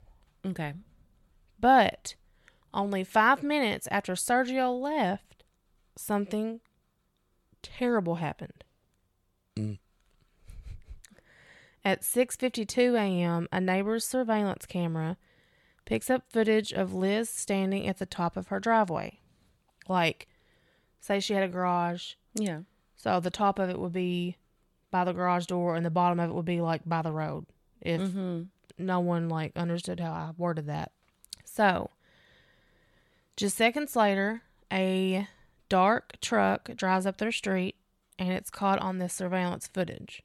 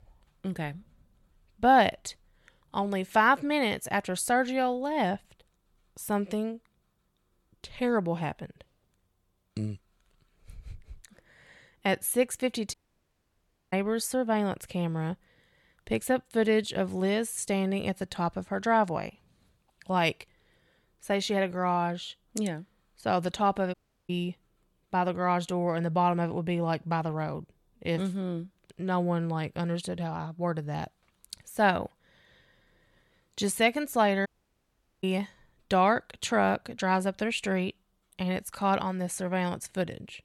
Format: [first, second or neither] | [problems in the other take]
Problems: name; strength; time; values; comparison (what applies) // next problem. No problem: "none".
first | audio cutting out; at 13 s for 1 s, at 24 s and at 34 s for 1 s